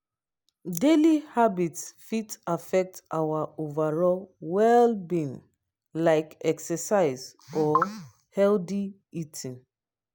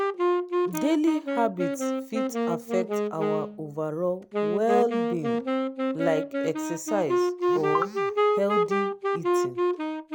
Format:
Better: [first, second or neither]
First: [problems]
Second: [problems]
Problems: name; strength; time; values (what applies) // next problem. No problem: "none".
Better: first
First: none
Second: background sound (Wind instrument, woodwind instrument); 3 dB above the speech